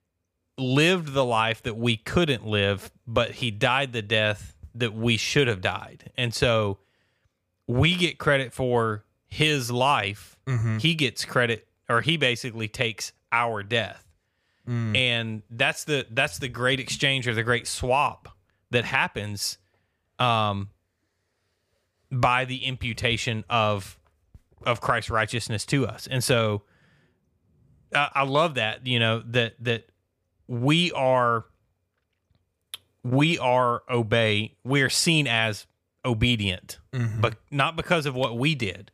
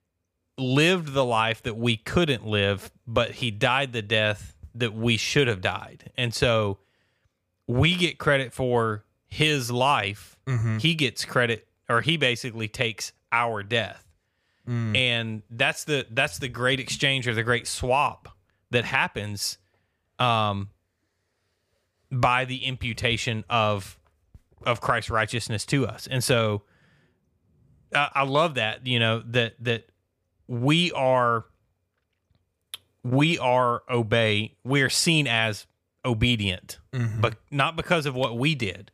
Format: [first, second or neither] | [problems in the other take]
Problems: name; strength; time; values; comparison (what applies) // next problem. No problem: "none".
neither | none